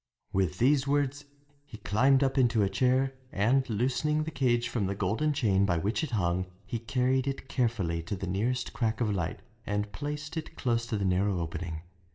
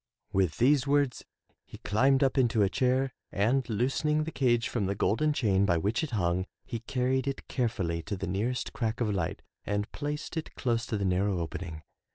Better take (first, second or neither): second